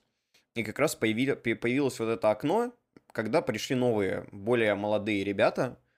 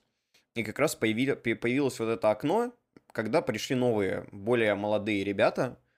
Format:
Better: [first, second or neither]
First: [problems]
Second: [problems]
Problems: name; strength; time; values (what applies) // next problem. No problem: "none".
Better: neither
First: none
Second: none